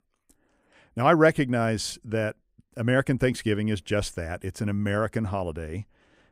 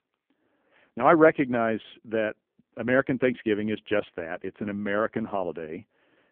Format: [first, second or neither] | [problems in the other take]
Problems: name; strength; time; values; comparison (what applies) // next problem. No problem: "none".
first | phone-call audio; poor line; nothing above 3.5 kHz